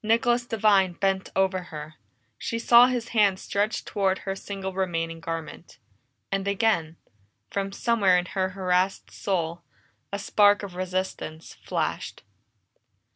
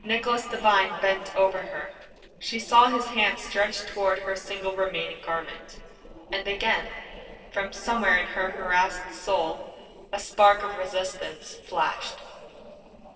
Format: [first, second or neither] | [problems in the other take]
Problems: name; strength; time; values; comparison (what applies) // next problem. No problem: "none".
first | noise reduction (neural separator model SepFormer DNS4)